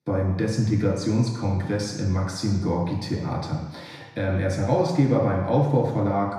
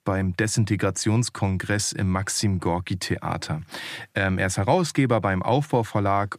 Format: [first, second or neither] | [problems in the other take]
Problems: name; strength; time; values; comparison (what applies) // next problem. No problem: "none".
second | room echo; noticeable; dies away in 1 s // off-mic speech; far